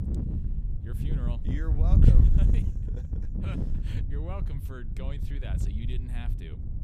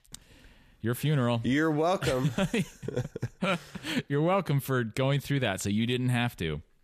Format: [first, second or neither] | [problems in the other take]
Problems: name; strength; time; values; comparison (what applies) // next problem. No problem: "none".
second | wind noise on the microphone; heavy; 3 dB above the speech